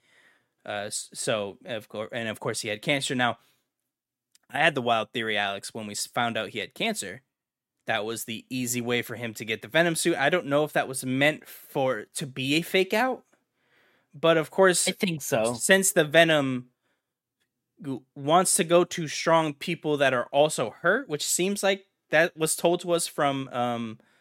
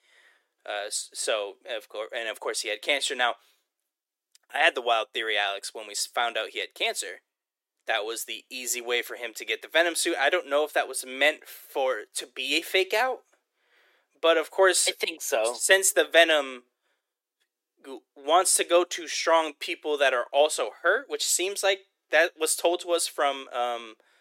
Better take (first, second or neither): first